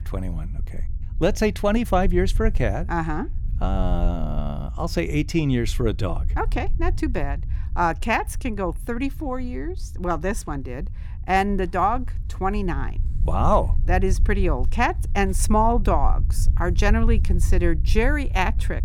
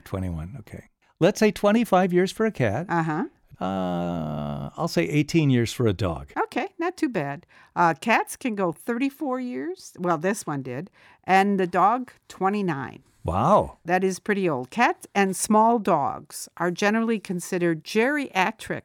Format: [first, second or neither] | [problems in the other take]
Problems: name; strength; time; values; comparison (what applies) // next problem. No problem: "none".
second | low rumble; faint; throughout; 20 dB below the speech